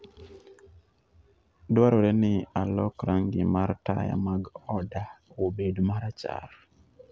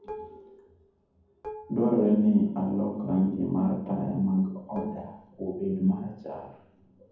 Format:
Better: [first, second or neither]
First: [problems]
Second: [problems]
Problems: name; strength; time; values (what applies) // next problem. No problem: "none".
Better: first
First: none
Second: background sound (Dishes, pots, and pans); 17 dB below the speech // room echo; dies away in 1.2 s